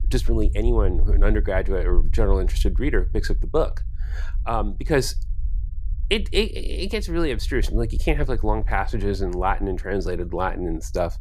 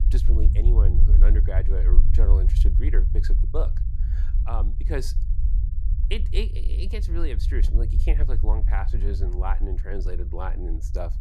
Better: first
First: low rumble; faint; throughout; 25 dB below the speech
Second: low rumble; loud; throughout; 8 dB below the speech

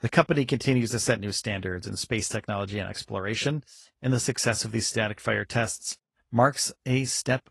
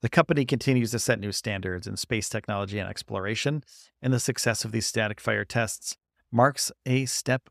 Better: second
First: garbled, watery; slightly; nothing above 11 kHz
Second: none

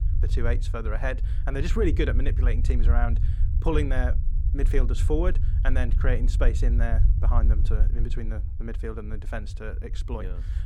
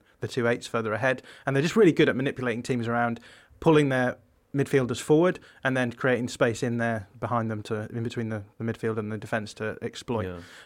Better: second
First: low rumble; noticeable; throughout; 10 dB below the speech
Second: none

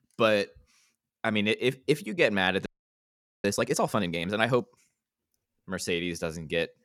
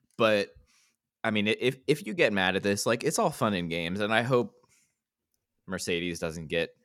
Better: second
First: audio freezing; at 2.5 s for 1 s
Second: none

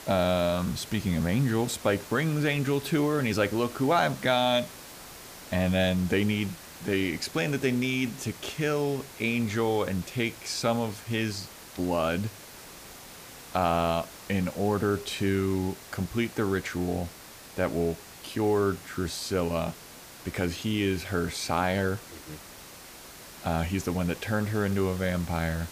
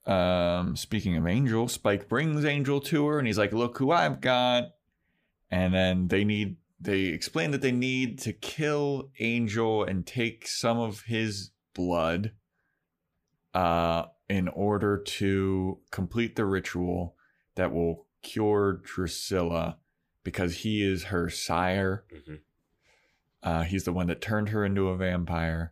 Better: second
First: hiss; noticeable; throughout; 15 dB below the speech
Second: none

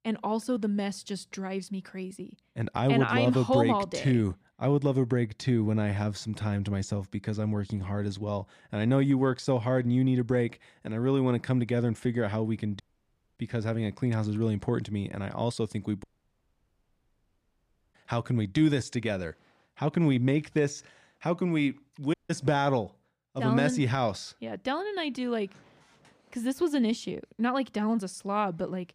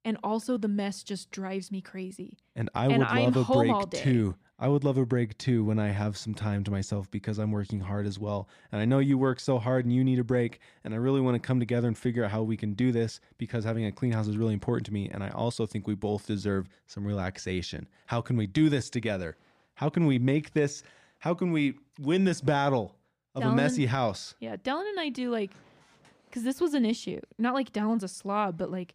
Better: second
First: audio cutting out; at 13 s for 0.5 s, at 16 s for 2 s and at 22 s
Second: none

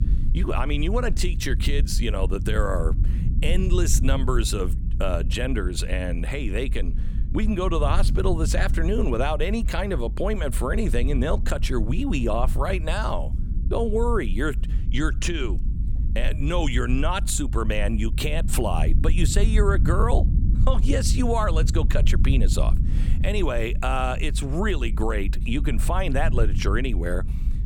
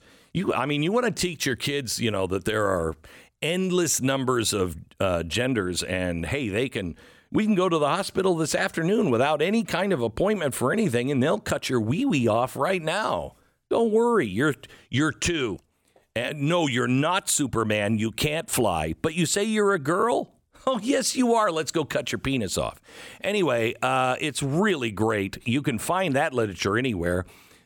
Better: second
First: low rumble; noticeable; throughout; 15 dB below the speech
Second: none

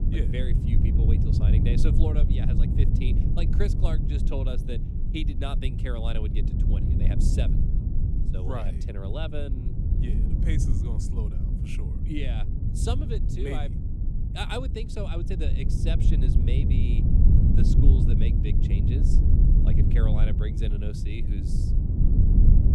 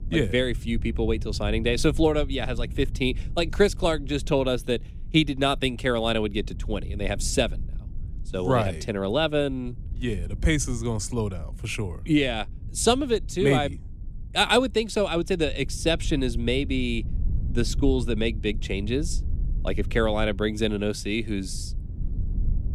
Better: second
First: low rumble; loud; throughout; as loud as the speech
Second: low rumble; faint; throughout; 25 dB below the speech

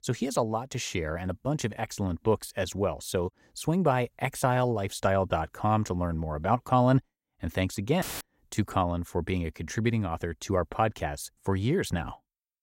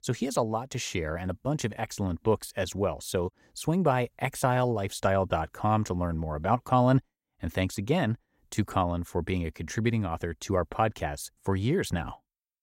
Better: second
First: audio cutting out; filled with static; at 8 s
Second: none

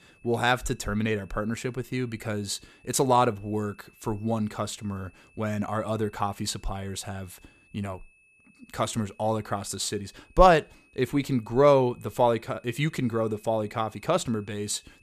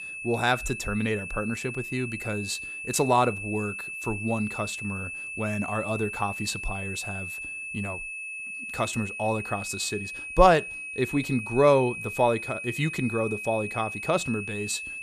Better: first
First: high-pitched whine; faint; throughout; 2.5 kHz, 30 dB below the speech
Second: high-pitched whine; loud; throughout; 2.5 kHz, 6 dB below the speech

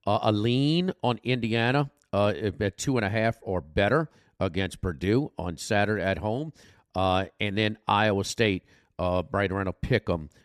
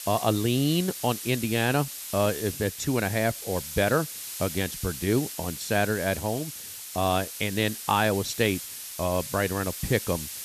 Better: first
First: none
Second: hiss; loud; throughout; 8 dB below the speech

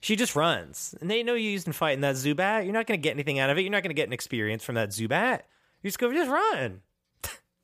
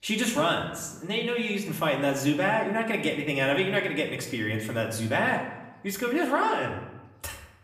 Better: first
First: none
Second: room echo; slight; dies away in 0.8 s // off-mic speech; somewhat distant

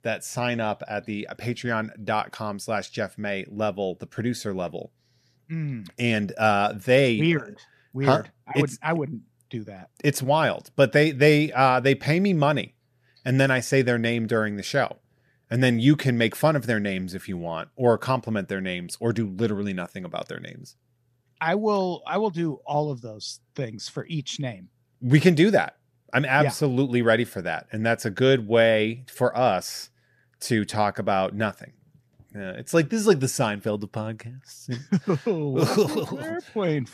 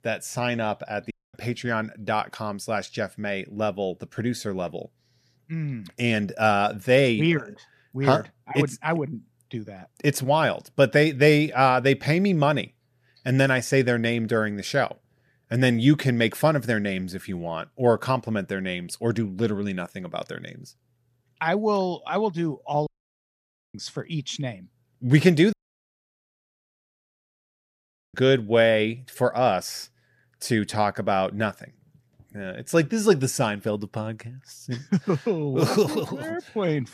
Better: first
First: none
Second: audio cutting out; at 1 s, at 23 s for 1 s and at 26 s for 2.5 s

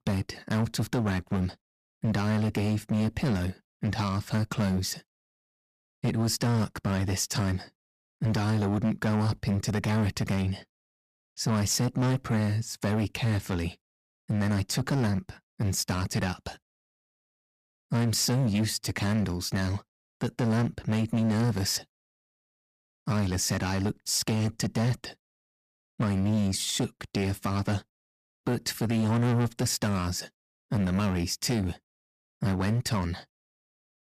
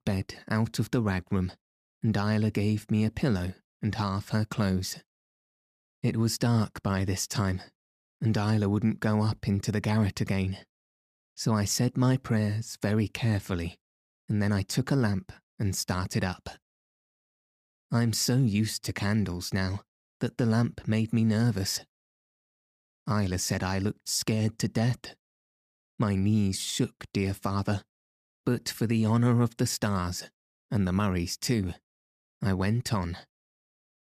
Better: second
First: distortion; slight; 11% of the sound clipped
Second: none

